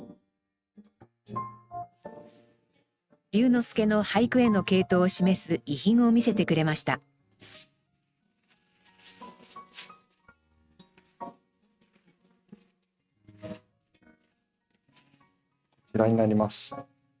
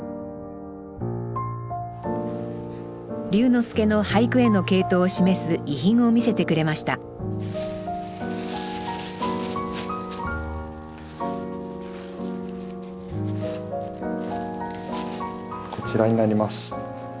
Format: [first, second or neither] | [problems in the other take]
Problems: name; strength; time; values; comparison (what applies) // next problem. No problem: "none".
second | noise reduction (neural mask model RNNoise)